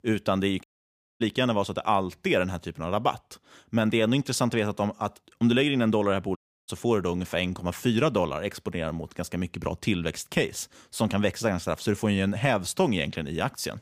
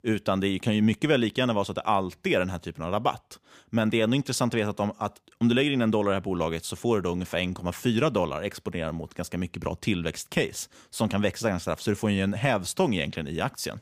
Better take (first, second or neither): second